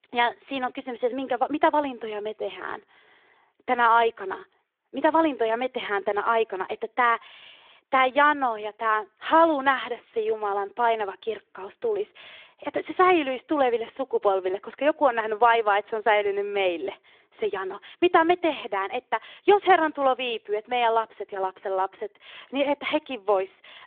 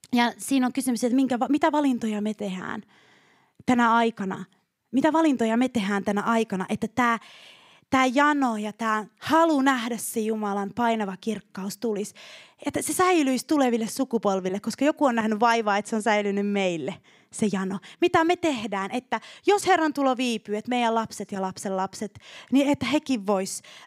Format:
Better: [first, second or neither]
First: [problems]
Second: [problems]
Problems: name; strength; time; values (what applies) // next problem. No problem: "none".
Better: second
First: phone-call audio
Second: none